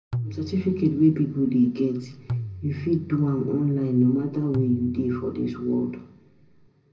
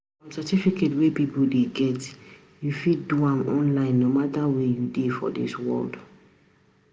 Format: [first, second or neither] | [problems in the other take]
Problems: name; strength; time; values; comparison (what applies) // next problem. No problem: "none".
second | background sound (Tabla); 12 dB below the speech // room echo; dies away in 0.4 s